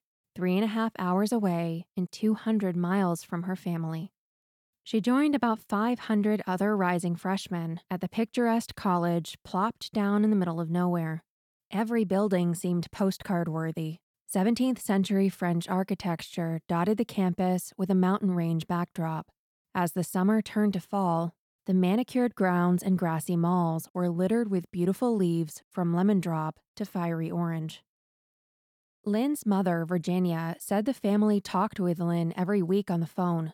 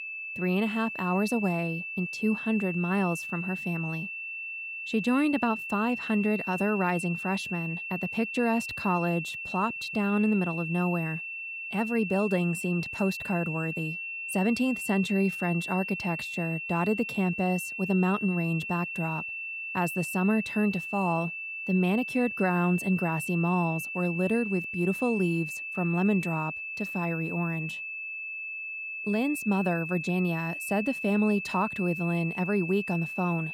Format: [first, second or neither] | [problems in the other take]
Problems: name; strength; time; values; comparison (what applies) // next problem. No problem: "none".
first | high-pitched whine; loud; throughout; 2.5 kHz, 5 dB below the speech